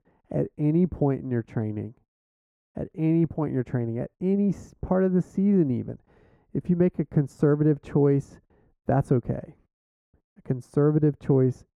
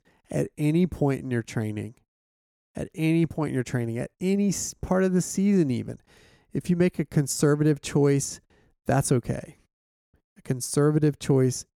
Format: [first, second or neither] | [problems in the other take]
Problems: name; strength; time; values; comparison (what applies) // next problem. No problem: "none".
second | muffled; very; fading above 2.5 kHz